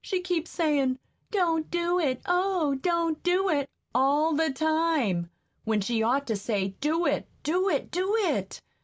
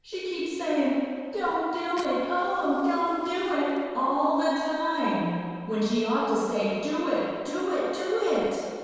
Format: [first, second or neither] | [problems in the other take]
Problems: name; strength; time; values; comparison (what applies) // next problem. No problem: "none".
first | noise reduction (neural separator model SepFormer DNS4)